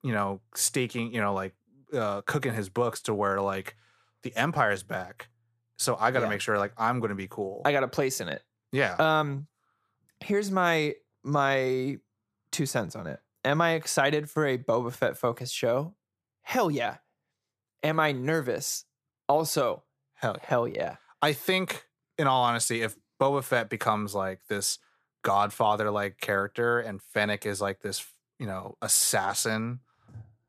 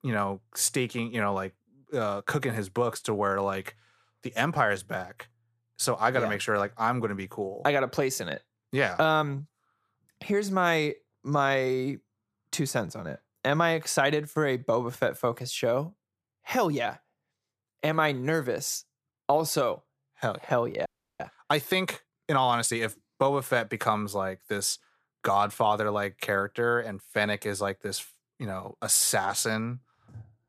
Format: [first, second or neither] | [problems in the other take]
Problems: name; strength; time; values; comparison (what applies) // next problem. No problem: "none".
first | audio freezing; at 21 s